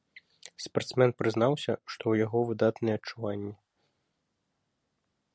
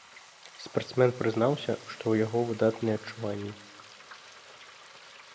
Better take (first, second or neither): first